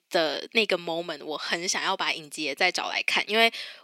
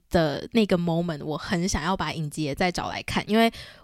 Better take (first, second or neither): second